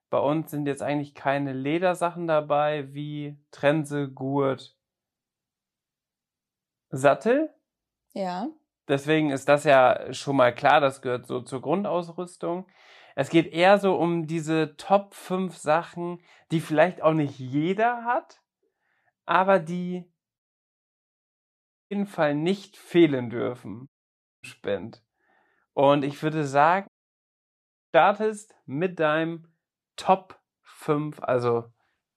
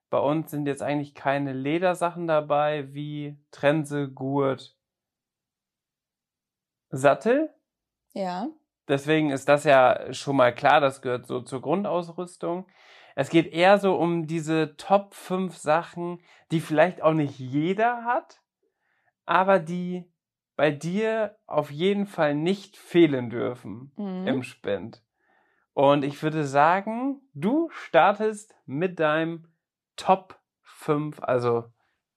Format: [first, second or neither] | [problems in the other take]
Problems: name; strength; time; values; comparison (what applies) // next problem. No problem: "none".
second | audio cutting out; at 20 s for 1.5 s, at 24 s for 0.5 s and at 27 s for 1 s